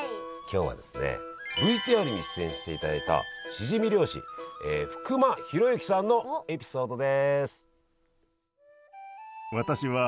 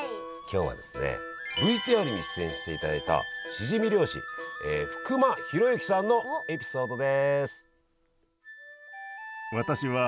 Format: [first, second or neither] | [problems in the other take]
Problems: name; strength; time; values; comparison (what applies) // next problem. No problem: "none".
first | background sound (Wind instrument, woodwind instrument); 13 dB below the speech